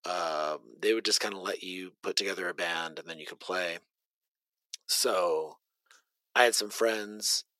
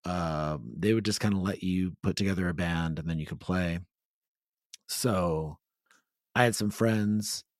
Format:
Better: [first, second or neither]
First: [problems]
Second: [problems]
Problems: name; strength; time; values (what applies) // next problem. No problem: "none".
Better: second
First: thin; very; fading below 400 Hz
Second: none